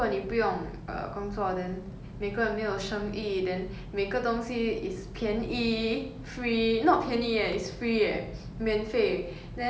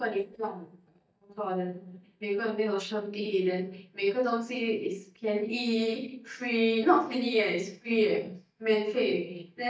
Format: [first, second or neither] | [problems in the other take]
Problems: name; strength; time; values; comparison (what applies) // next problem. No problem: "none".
first | noise reduction (neural mask model DeepFilterNet 3)